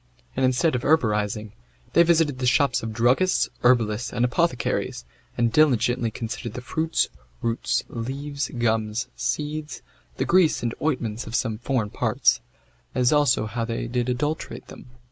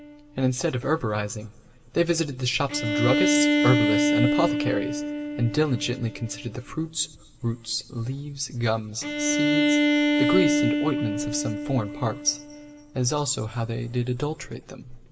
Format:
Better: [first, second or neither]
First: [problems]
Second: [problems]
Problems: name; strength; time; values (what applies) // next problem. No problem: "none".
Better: first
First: none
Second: background sound (Bowed string instrument); as loud as the speech // room echo; dies away in 0.6 s